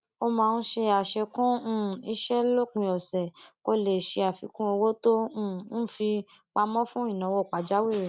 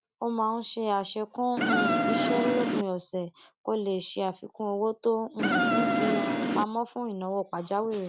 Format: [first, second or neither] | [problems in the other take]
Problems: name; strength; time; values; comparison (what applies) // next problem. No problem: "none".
first | background sound (Insect); 5 dB above the speech